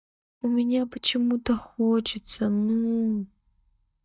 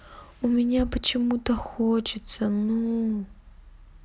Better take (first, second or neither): second